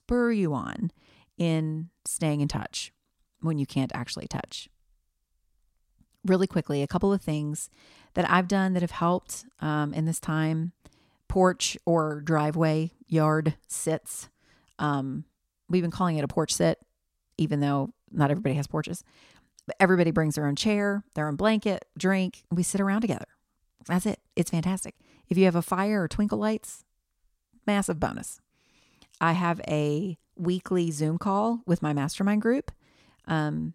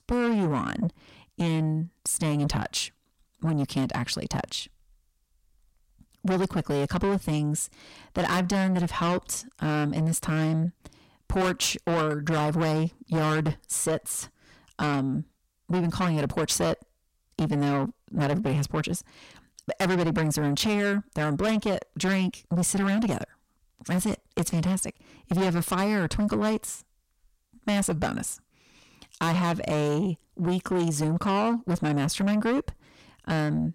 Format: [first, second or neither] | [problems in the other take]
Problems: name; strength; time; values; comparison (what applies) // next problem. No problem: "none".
first | distortion; heavy; 5 dB below the speech